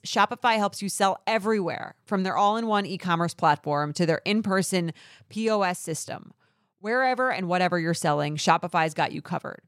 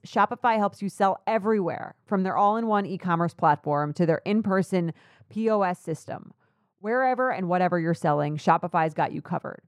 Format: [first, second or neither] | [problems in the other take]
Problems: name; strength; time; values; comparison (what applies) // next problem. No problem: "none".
first | muffled; slightly; fading above 2 kHz